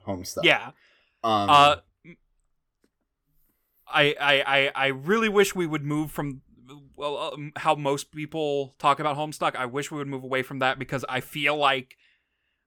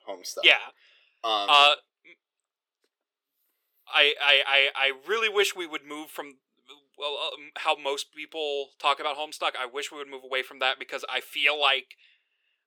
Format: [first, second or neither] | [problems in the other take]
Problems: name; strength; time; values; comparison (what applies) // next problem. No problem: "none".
first | thin; very; fading below 400 Hz